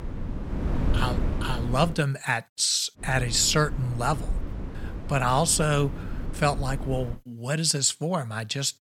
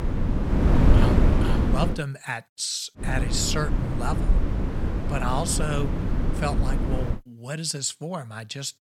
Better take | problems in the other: first | wind noise on the microphone; heavy; until 2 s and from 3 to 7 s; 2 dB below the speech; occasional gusts in the first

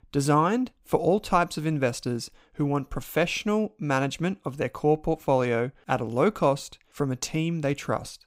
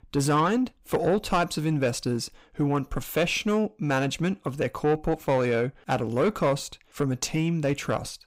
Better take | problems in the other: first | distortion; slight; 10 dB below the speech

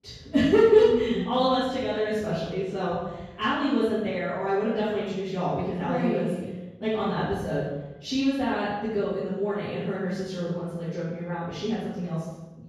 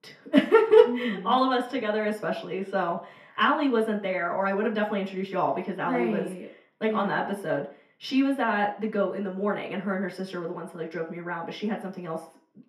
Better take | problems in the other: second | room echo; strong; dies away in 1.4 s; slight in the second // off-mic speech; far; far in the second

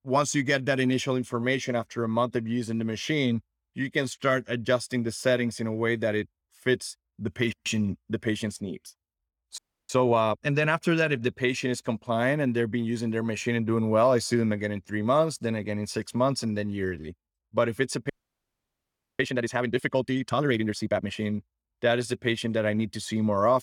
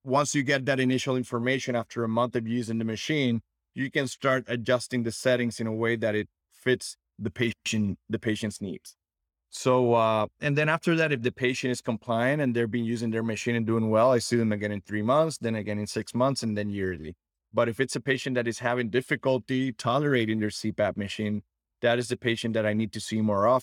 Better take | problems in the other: second | audio freezing; at 9.5 s and at 18 s for 1 s

